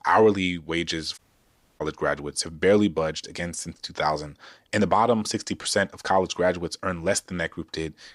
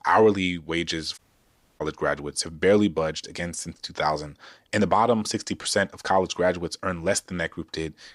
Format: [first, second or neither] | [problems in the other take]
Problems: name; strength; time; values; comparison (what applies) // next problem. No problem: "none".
neither | audio cutting out; at 1 s for 0.5 s; the same in both